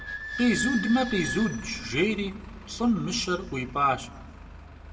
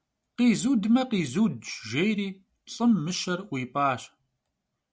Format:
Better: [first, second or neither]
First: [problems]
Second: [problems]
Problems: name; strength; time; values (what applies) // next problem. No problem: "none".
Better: second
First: background sound (Squeak / Idling); 10 dB below the speech // room echo; dies away in 1.1 s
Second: none